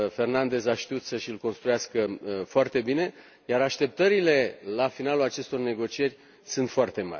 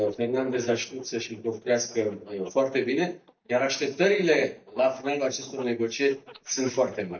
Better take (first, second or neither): first